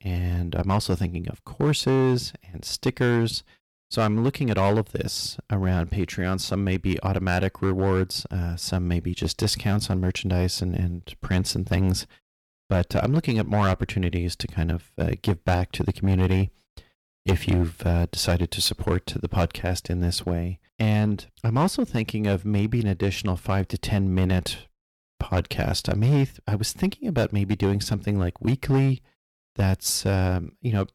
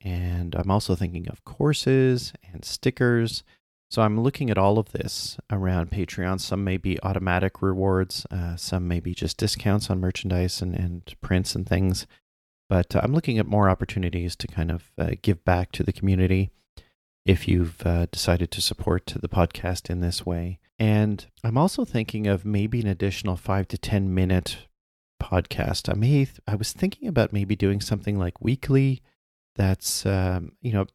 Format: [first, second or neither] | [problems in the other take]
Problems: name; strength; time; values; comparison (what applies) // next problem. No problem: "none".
second | distortion; slight; 5% of the sound clipped